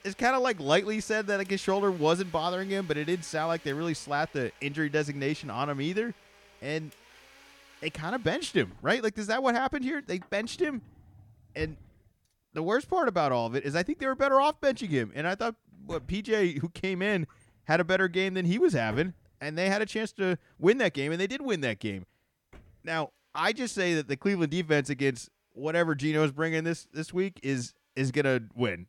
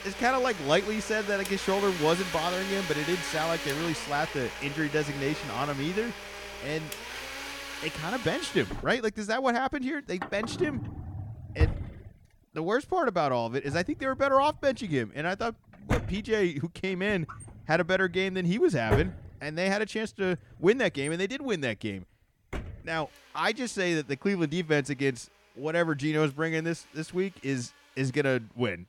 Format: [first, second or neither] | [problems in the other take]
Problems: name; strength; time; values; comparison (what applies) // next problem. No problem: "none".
first | household noises; loud; throughout; 7 dB below the speech; faint in the first